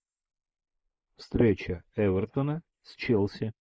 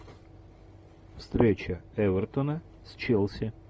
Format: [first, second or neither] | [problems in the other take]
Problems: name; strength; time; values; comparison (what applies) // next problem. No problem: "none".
second | noise reduction (neural mask model Resemble Enhance denoiser)